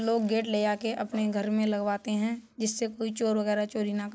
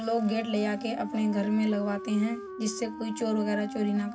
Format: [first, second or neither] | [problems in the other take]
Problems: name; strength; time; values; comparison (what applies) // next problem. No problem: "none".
first | background sound (Wind instrument, woodwind instrument); 11 dB below the speech // room echo; dies away in 0.4 s